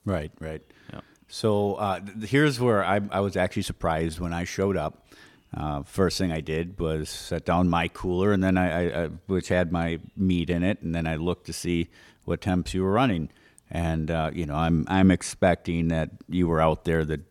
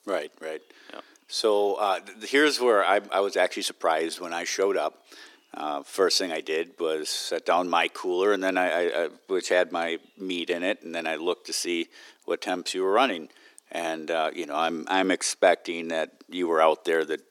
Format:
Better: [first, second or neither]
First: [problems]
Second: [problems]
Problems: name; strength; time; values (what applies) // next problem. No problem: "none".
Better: first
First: none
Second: thin; somewhat; fading below 300 Hz